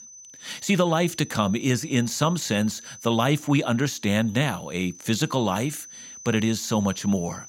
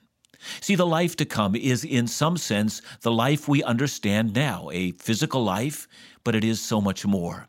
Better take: second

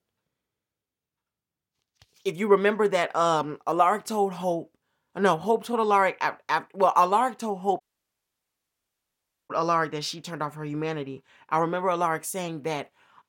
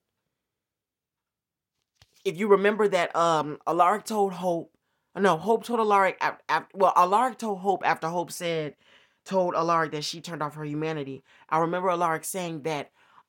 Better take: second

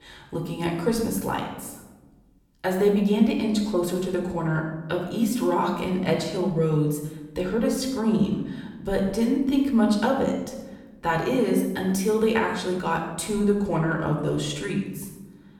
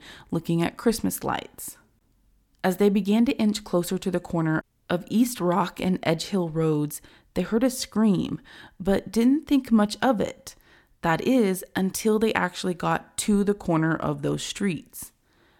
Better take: second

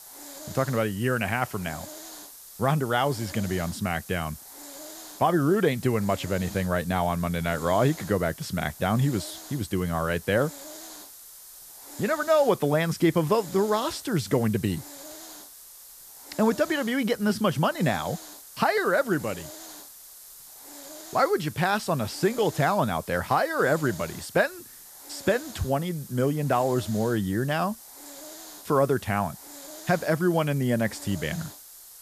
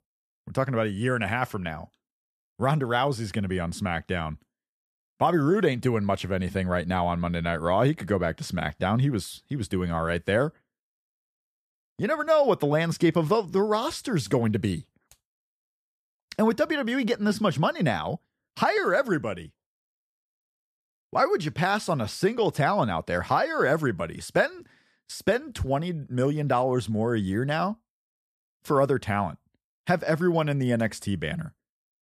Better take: second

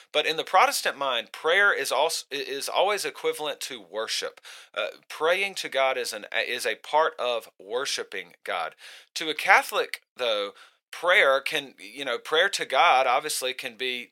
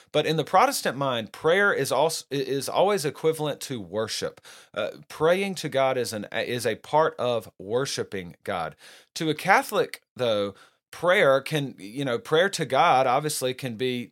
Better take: second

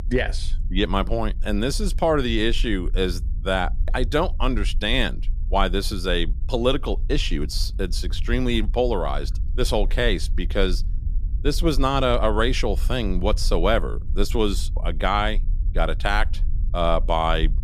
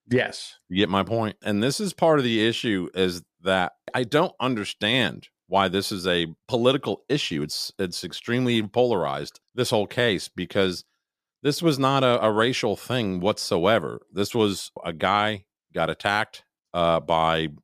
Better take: second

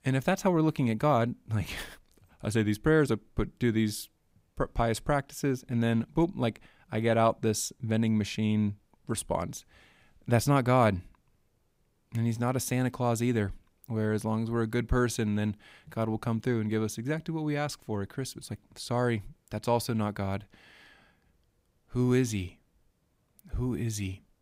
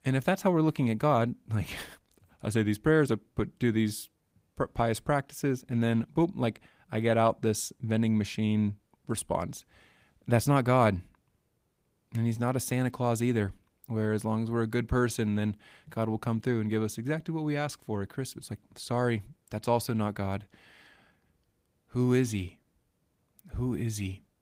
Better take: first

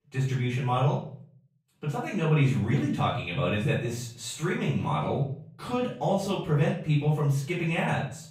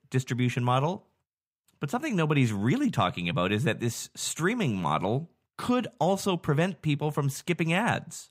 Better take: second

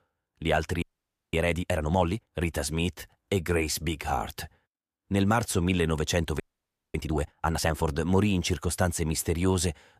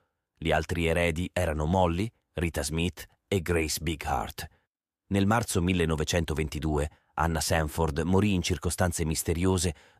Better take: second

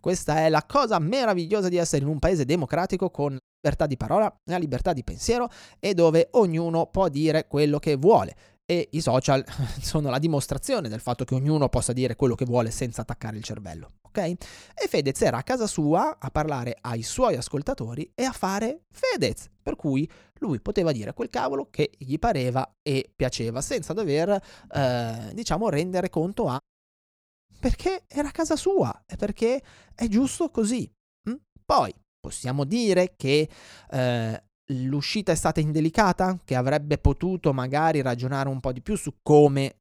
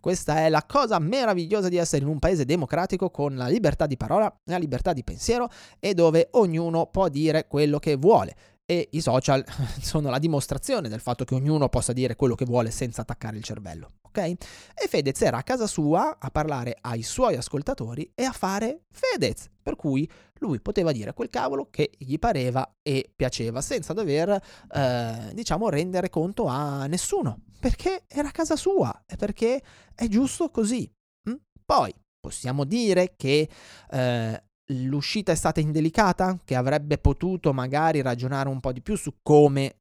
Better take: second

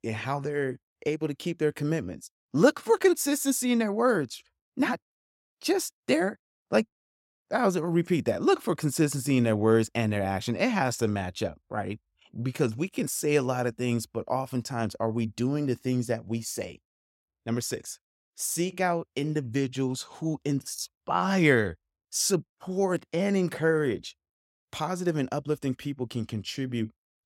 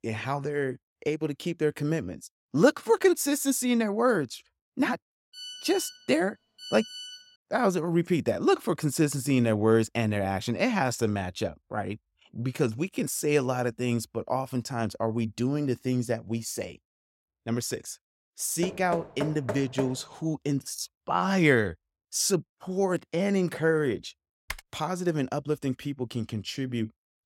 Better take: first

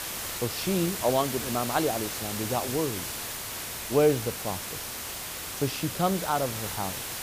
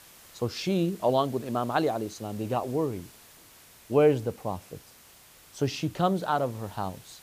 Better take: second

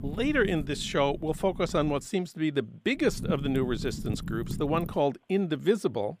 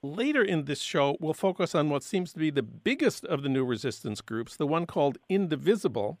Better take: second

